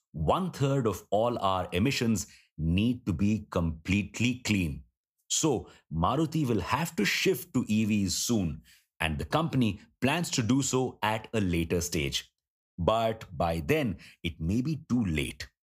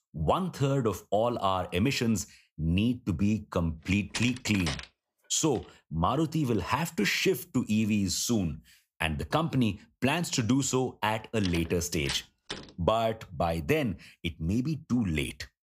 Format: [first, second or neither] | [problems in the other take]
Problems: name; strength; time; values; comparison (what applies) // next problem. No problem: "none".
first | door banging; noticeable; from 4 to 13 s; peak 7 dB below the speech